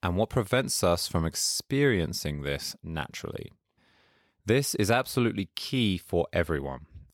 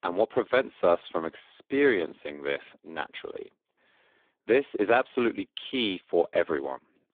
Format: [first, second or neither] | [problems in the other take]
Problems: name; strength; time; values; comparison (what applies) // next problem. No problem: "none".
first | phone-call audio; poor line; nothing above 3.5 kHz